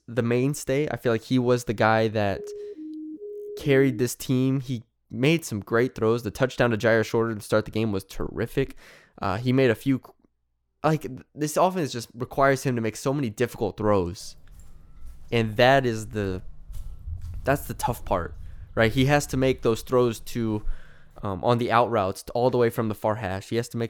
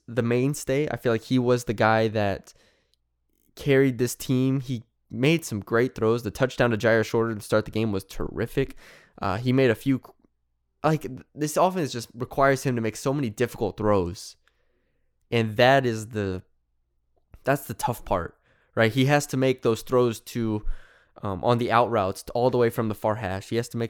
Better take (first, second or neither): second